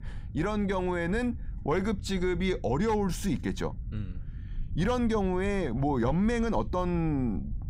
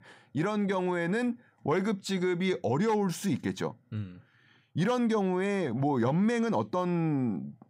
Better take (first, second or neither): second